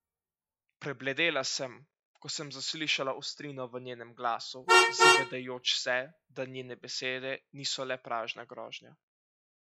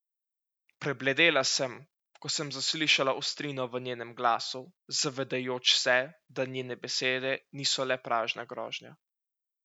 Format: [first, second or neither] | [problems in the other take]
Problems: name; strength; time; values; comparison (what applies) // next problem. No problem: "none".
second | noise reduction (classical method log-MMSE)